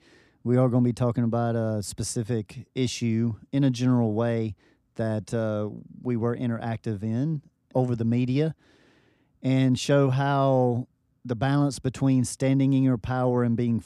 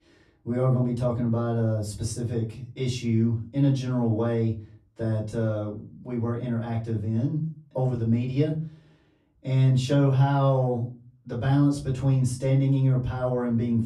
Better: first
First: none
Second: off-mic speech; far // room echo; very slight; dies away in 0.4 s

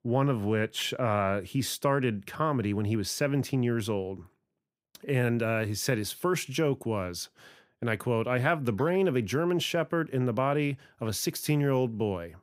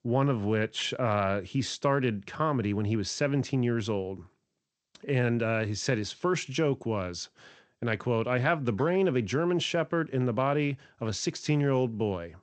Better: first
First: none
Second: garbled, watery; slightly; nothing above 7.5 kHz

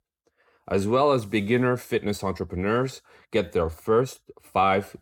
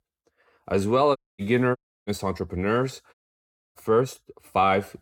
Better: first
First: none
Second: audio cutting out; at 1 s, at 2 s and at 3 s for 0.5 s

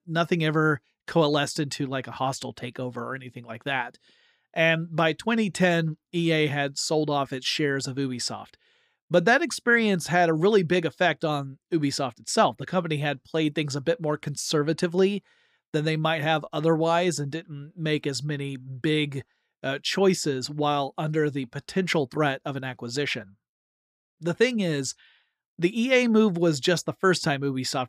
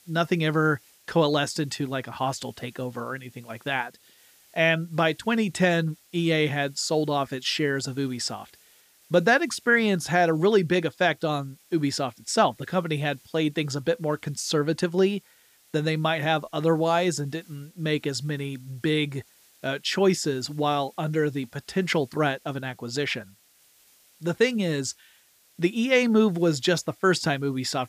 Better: first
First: none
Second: hiss; faint; throughout; 30 dB below the speech

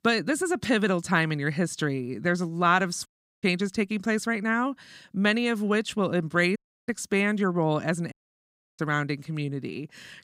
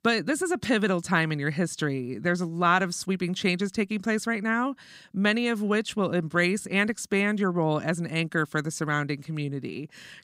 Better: second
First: audio cutting out; at 3 s, at 6.5 s and at 8 s for 0.5 s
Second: none

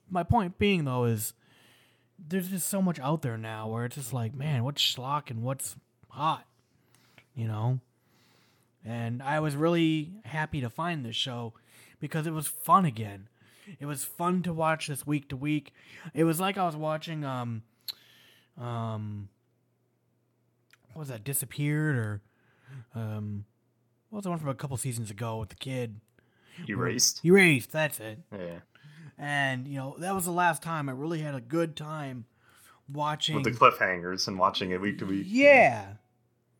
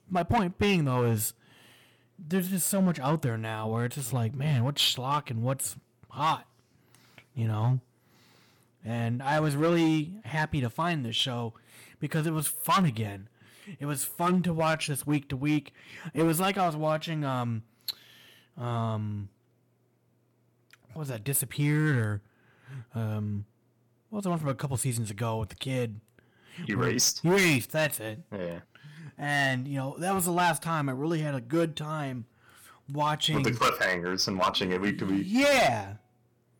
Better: first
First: none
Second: distortion; heavy; 5% of the sound clipped

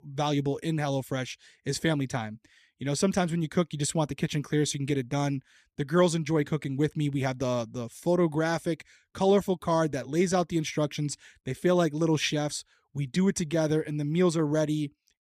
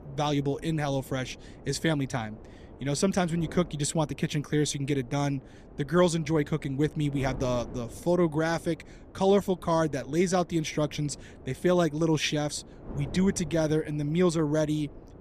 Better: first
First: none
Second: wind noise on the microphone; occasional gusts; 20 dB below the speech

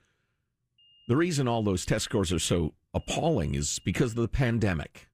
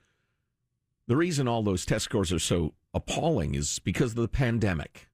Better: second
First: high-pitched whine; faint; from 1 to 2 s and from 3 to 4 s; 3 kHz, 30 dB below the speech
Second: none

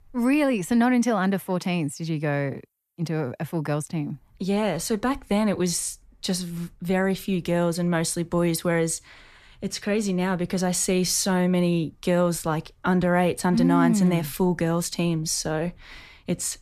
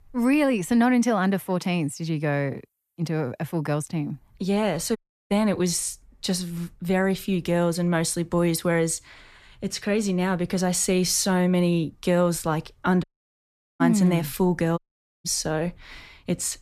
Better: first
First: none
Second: audio cutting out; at 5 s, at 13 s for 1 s and at 15 s

